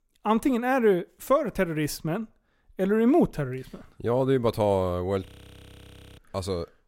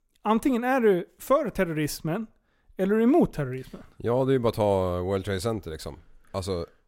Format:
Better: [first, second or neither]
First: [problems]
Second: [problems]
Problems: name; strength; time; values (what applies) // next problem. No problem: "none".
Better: second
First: audio freezing; at 5.5 s for 1 s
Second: none